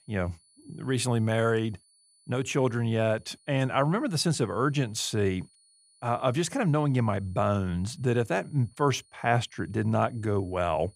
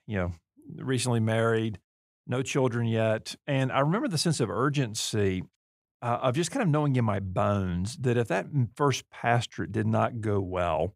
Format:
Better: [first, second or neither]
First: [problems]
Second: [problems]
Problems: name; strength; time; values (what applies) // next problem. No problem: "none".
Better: second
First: high-pitched whine; faint; throughout; 9.5 kHz, 30 dB below the speech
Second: none